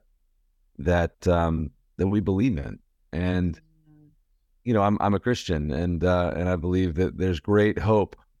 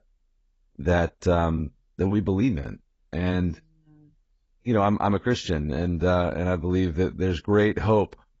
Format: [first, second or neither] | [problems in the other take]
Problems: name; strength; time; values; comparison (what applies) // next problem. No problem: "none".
first | garbled, watery; badly; nothing above 7.5 kHz